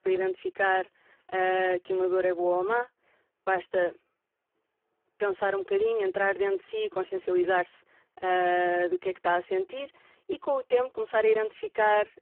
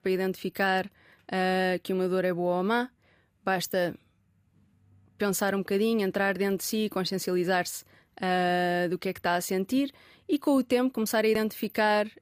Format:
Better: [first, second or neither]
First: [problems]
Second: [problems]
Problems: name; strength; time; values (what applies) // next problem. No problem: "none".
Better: second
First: phone-call audio; poor line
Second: none